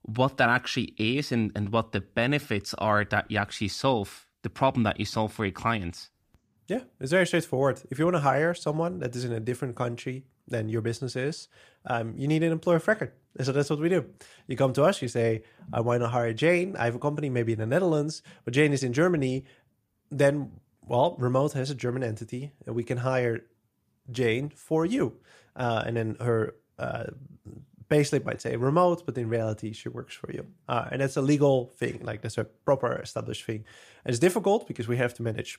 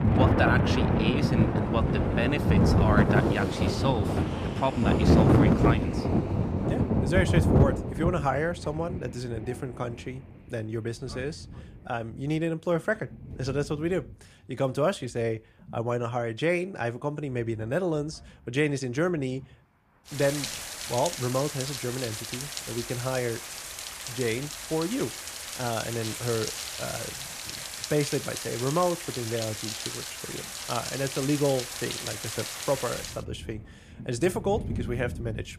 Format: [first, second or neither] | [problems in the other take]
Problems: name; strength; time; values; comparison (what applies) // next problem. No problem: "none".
first | rain or running water; very loud; throughout; 2 dB above the speech